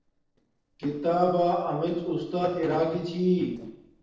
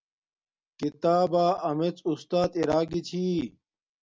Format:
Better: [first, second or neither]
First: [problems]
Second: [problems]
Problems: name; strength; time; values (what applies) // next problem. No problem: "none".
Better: second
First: noise reduction (neural separator model SepFormer DNS4)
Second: none